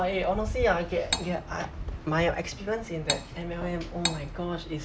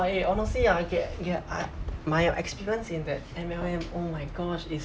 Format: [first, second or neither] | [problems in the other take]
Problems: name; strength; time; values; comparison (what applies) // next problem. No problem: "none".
second | background sound (Cutlery, silverware); 4 dB below the speech